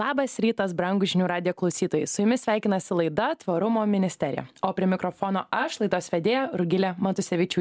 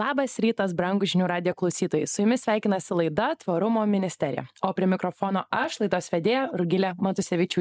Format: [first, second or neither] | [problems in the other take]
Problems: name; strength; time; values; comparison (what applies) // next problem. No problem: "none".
first | noise reduction (neural mask model Resemble Enhance denoiser)